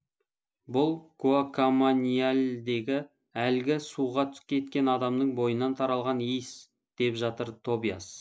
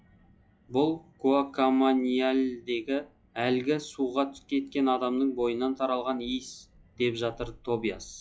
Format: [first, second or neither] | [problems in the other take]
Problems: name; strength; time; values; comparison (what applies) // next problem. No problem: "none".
first | noise reduction (classical method log-MMSE)